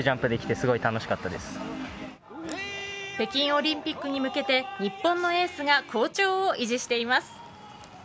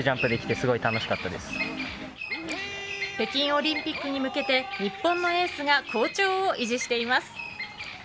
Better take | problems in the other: first | background sound (Bird vocalization, bird call, bird song); 9 dB below the speech

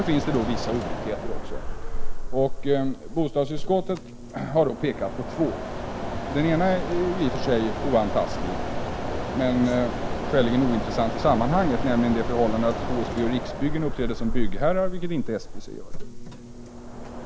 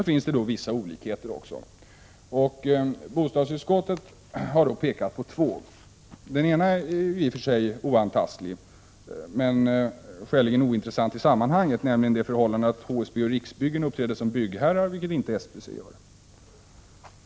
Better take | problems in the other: second | background sound (Mechanisms); 1 dB below the speech

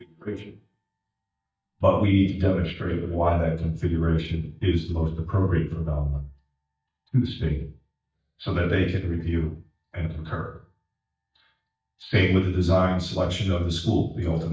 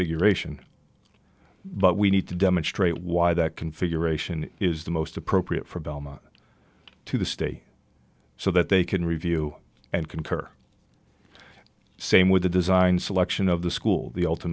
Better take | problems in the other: second | noise reduction (neural mask model DeepFilterNet 3)

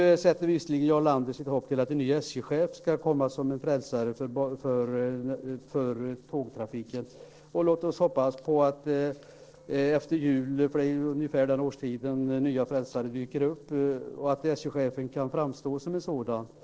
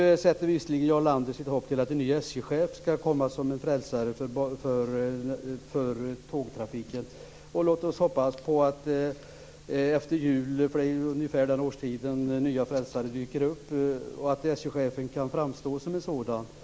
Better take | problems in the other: second | noise reduction (neural separator model SepFormer DNS4)

